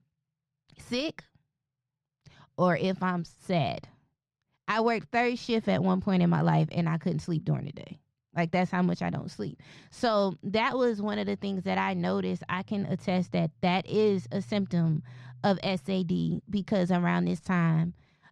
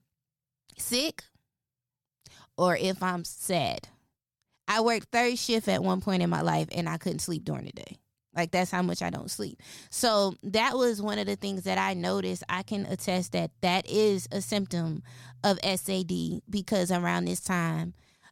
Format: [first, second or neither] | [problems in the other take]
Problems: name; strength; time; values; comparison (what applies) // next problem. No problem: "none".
second | muffled; slightly; fading above 3 kHz